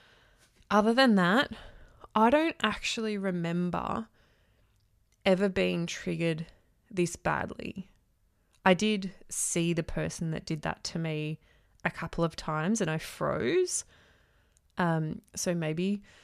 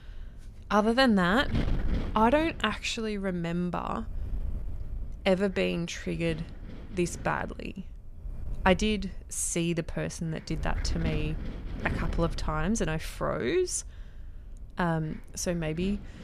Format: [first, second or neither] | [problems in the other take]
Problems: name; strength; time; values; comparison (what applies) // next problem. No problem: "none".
first | wind noise on the microphone; occasional gusts; 15 dB below the speech